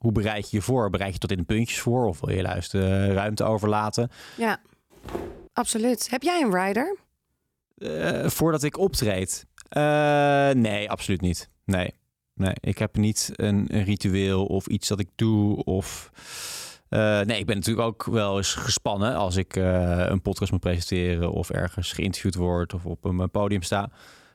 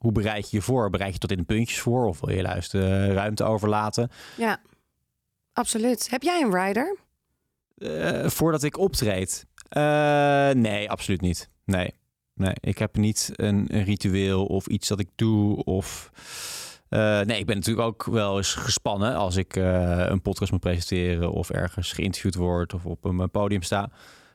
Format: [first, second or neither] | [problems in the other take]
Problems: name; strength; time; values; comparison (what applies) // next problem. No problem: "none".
second | footsteps; faint; at 5 s; peak 10 dB below the speech